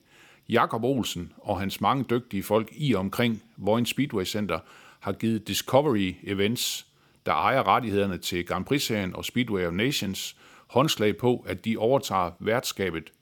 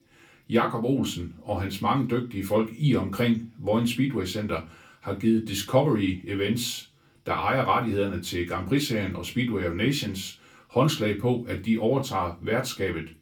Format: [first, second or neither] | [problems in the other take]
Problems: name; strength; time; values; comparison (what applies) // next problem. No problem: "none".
first | off-mic speech; far // room echo; very slight; dies away in 0.2 s